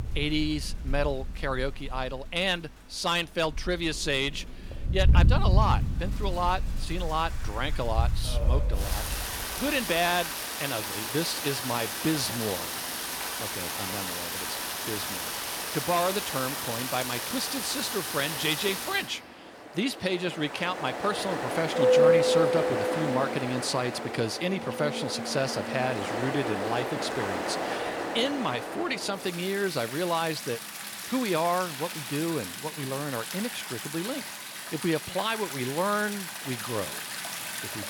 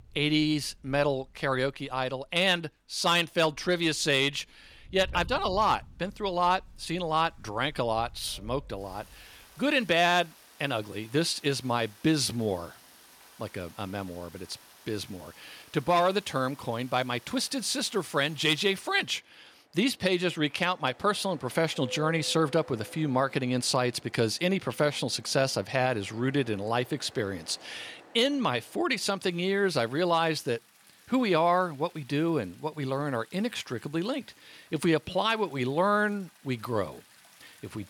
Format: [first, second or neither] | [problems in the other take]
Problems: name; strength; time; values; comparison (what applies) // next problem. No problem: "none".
second | rain or running water; loud; throughout; as loud as the speech; faint in the second